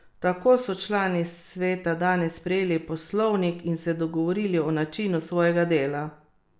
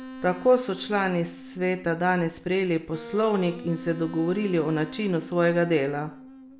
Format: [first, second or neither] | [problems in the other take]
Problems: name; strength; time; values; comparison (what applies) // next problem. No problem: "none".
first | background sound (Wind instrument, woodwind instrument); 15 dB below the speech